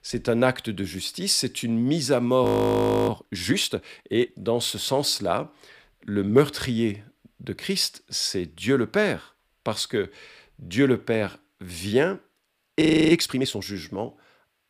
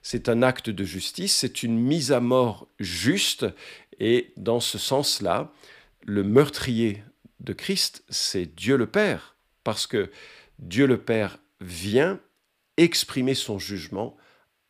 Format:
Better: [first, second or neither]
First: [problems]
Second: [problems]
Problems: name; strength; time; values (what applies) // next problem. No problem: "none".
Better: second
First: audio freezing; at 2.5 s for 0.5 s and at 13 s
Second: none